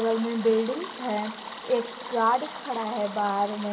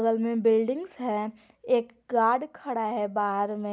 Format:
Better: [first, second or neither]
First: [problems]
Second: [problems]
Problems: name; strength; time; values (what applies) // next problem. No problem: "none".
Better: second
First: background sound (Stream); 12 dB below the speech // room echo; dies away in 2.9 s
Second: none